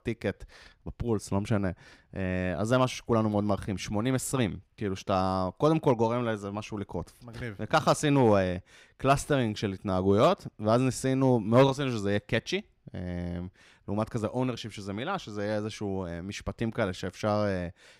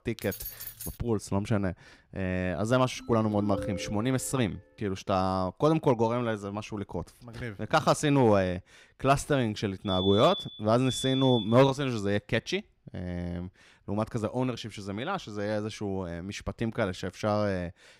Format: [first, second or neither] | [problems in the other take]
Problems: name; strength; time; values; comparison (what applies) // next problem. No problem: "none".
first | jangling keys; noticeable; at the start; peak 9 dB below the speech // phone ringing; noticeable; from 3 to 4.5 s; peak 8 dB below the speech // alarm; noticeable; from 10 to 12 s; peak 4 dB below the speech